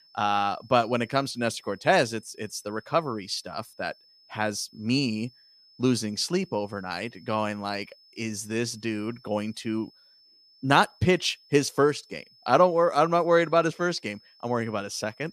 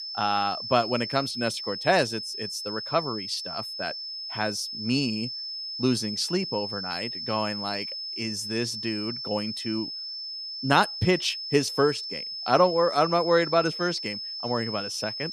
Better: first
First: high-pitched whine; faint; throughout; 5.5 kHz, 30 dB below the speech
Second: high-pitched whine; loud; throughout; 5.5 kHz, 5 dB below the speech

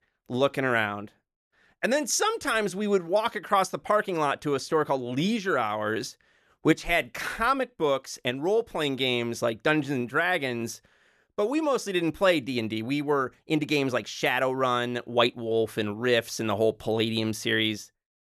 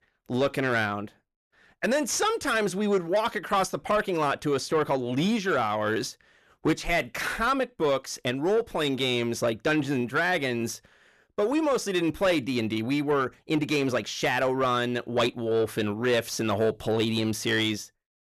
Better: first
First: none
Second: distortion; slight; 10 dB below the speech

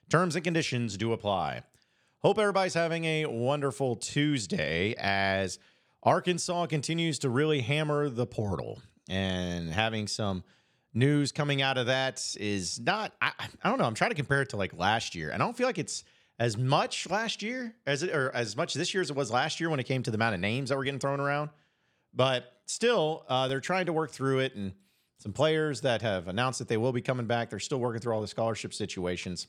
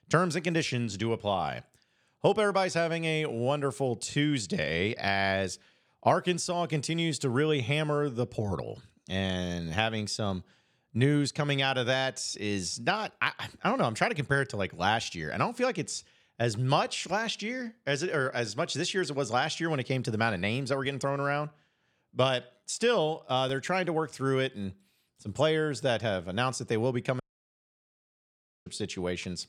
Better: first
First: none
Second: audio cutting out; at 27 s for 1.5 s

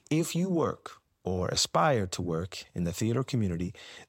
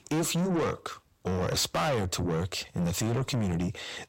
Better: first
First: none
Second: distortion; heavy; 5 dB below the speech

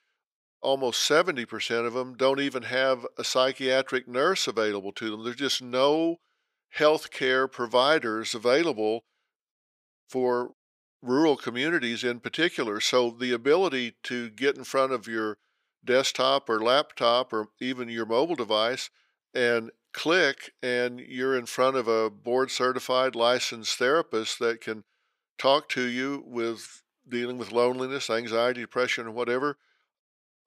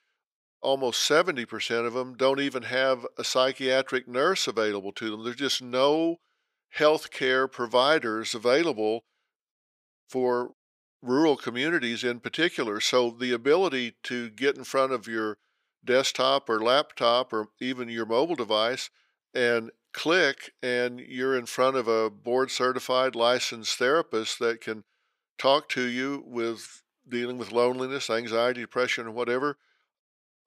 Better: neither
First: thin; somewhat; fading below 400 Hz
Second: thin; somewhat; fading below 400 Hz

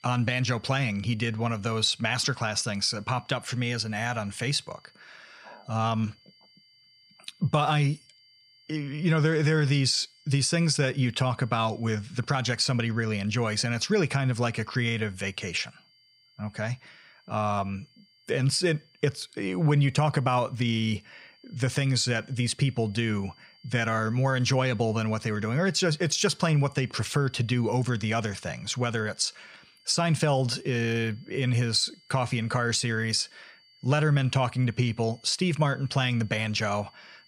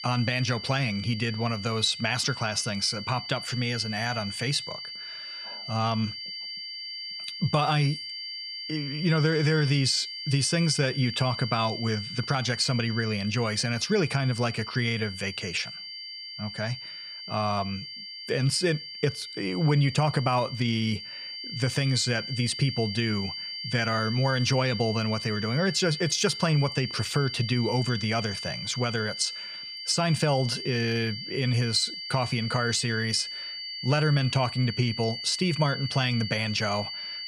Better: first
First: high-pitched whine; faint; throughout; 4.5 kHz, 30 dB below the speech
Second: high-pitched whine; loud; throughout; 4.5 kHz, 8 dB below the speech

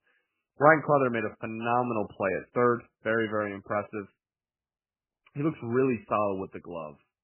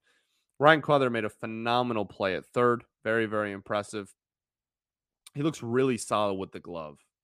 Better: second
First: garbled, watery; badly; nothing above 3 kHz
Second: none

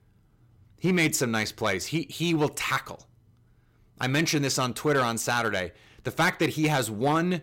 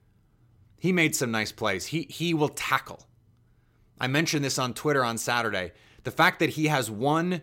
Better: second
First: distortion; slight; 4% of the sound clipped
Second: none

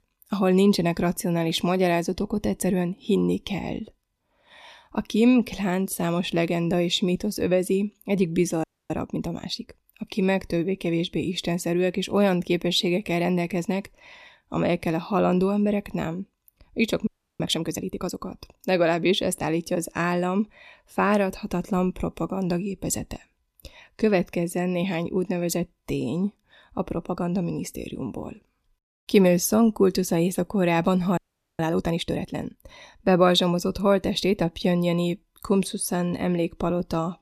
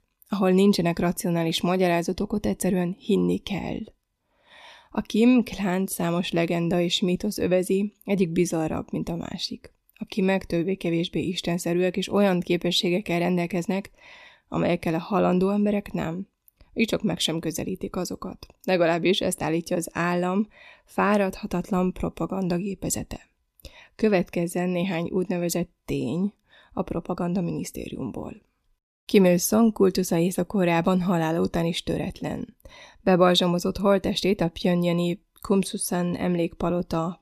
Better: second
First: audio freezing; at 8.5 s, at 17 s and at 31 s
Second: none

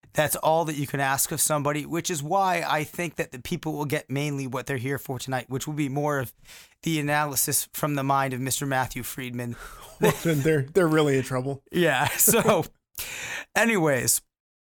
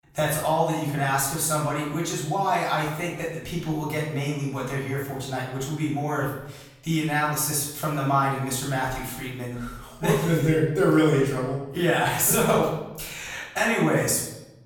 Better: first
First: none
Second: off-mic speech; far // room echo; noticeable; dies away in 0.8 s

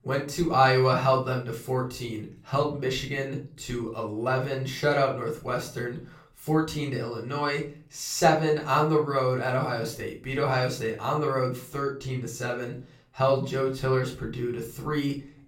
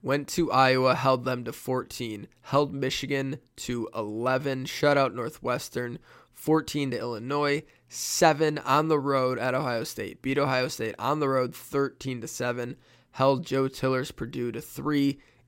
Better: second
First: off-mic speech; far // room echo; slight; dies away in 0.3 s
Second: none

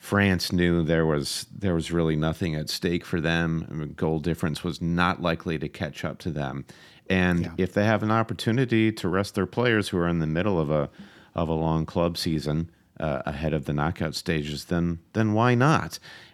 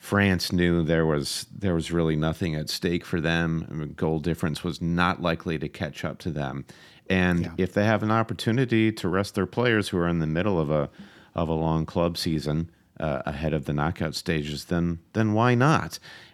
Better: neither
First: none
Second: none

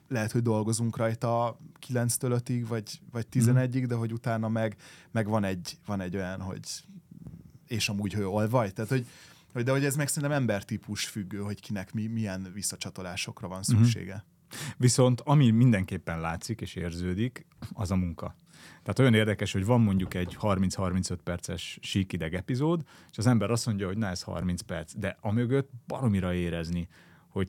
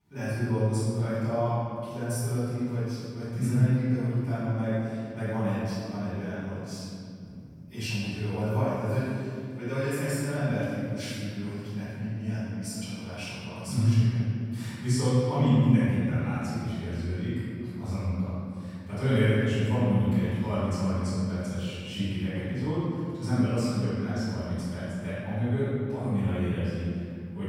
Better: first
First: none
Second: off-mic speech; far // room echo; strong; dies away in 2.3 s

